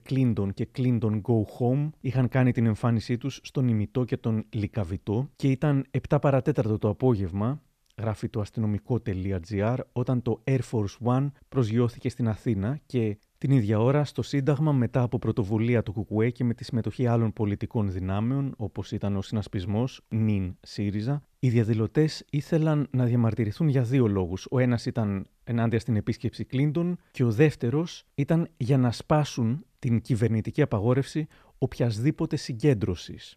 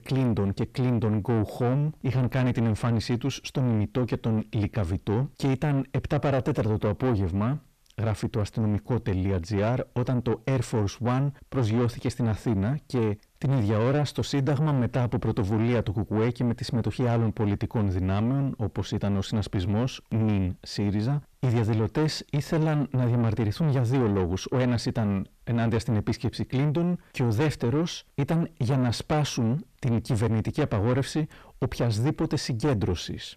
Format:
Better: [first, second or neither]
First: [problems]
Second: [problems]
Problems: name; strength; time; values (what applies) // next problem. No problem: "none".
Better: first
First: none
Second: distortion; heavy; 6 dB below the speech